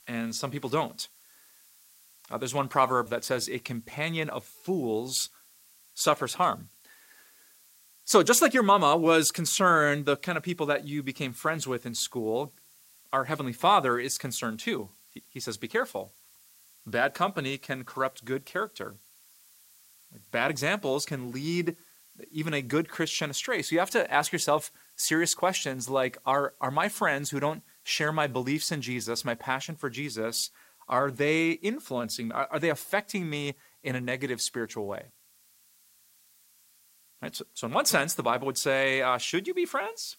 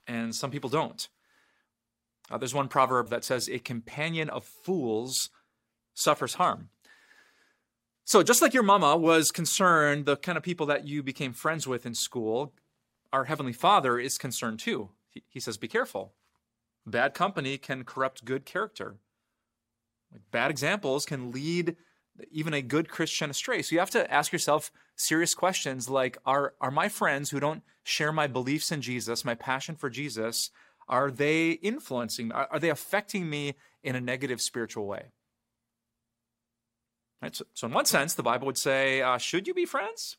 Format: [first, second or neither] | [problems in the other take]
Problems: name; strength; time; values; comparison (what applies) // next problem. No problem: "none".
second | hiss; faint; throughout; 30 dB below the speech